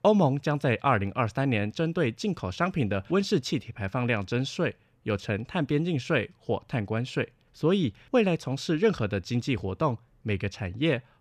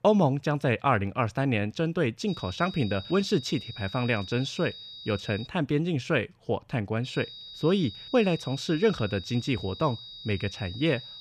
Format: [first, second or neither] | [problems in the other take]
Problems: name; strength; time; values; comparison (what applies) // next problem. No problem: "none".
first | high-pitched whine; noticeable; from 2.5 to 5.5 s and from 7 s on; 4 kHz, 15 dB below the speech